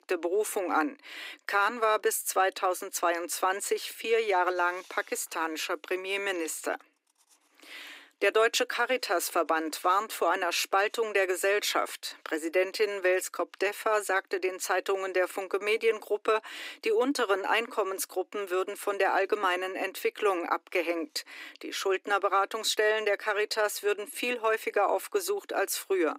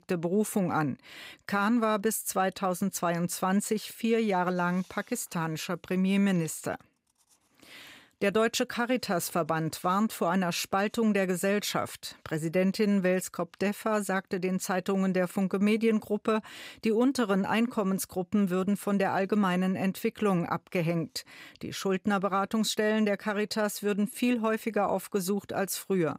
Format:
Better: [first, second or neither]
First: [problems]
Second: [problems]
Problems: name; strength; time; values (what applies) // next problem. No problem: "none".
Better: second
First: thin; very; fading below 300 Hz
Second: none